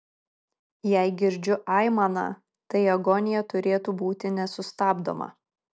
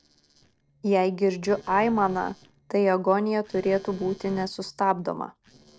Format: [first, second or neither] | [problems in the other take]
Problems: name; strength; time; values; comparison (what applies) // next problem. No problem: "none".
first | noise reduction (neural separator model SepFormer DNS4)